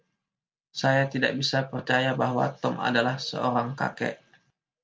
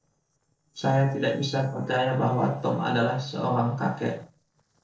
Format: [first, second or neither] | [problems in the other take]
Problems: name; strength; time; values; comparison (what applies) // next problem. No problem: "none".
first | noise reduction (neural separator model SepFormer DNS4)